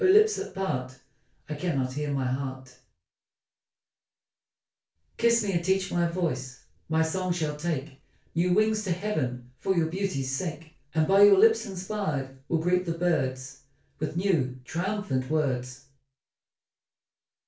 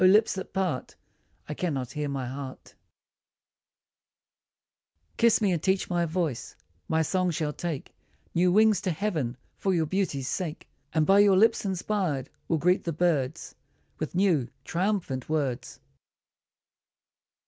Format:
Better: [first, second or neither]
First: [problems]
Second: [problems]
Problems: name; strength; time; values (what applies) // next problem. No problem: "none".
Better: second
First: room echo; dies away in 0.3 s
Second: none